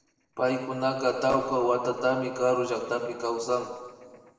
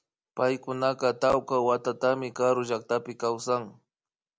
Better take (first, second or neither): second